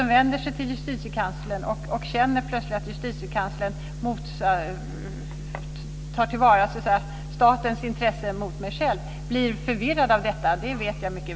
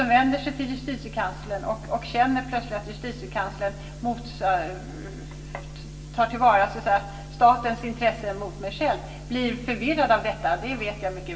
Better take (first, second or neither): first